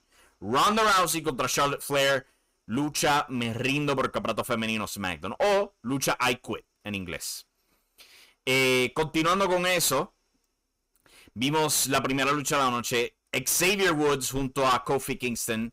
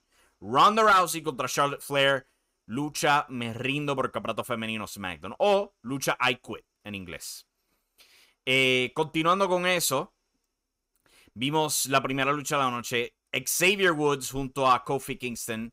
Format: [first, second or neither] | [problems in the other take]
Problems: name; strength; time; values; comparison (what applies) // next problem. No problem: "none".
second | distortion; heavy; 12% of the sound clipped